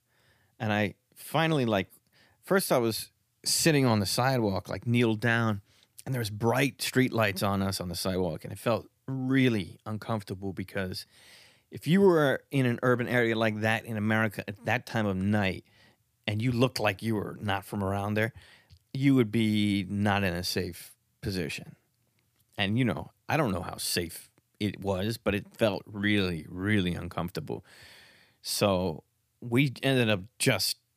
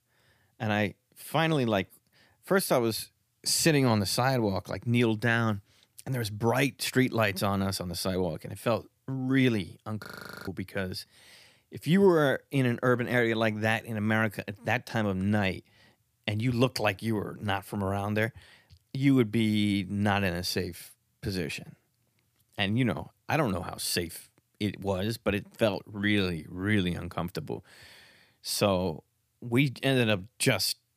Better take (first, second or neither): first